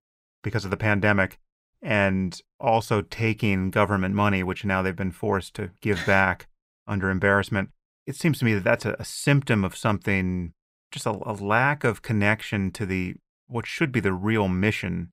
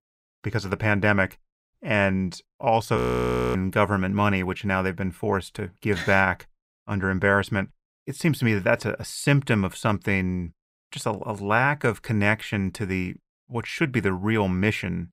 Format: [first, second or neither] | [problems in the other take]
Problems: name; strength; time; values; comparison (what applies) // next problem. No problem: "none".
first | audio freezing; at 3 s for 0.5 s